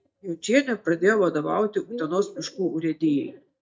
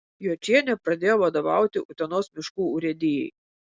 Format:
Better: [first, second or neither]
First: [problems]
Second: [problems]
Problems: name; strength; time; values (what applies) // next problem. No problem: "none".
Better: second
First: noise reduction (neural mask model DeepFilterNet 3)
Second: none